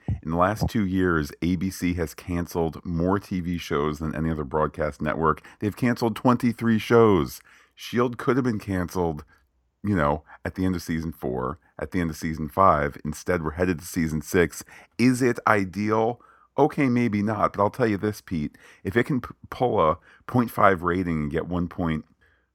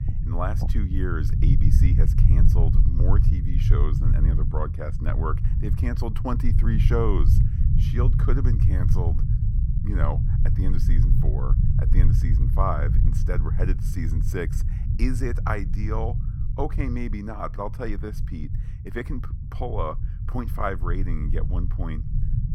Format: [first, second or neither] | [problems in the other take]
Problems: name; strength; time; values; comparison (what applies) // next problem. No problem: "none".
first | low rumble; loud; throughout; 6 dB below the speech